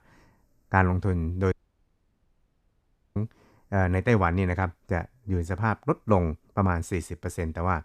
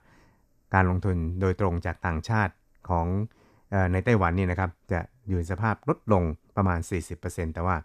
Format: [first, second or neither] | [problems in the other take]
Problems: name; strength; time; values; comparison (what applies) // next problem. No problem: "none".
second | audio cutting out; at 1.5 s for 1.5 s